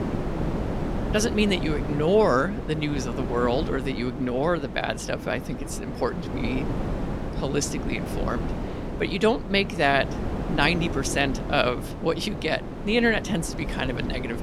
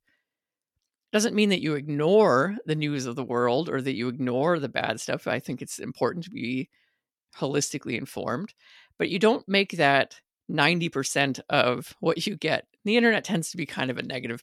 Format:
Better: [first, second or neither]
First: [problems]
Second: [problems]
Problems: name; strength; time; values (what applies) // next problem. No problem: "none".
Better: second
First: wind noise on the microphone; heavy; 10 dB below the speech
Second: none